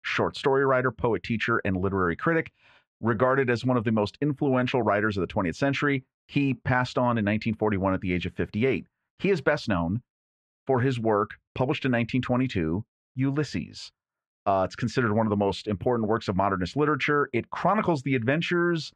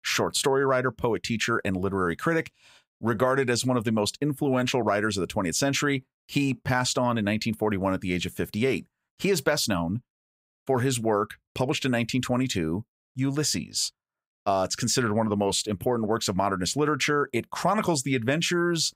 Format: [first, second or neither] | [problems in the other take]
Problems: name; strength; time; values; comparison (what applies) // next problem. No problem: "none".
second | muffled; slightly; fading above 2 kHz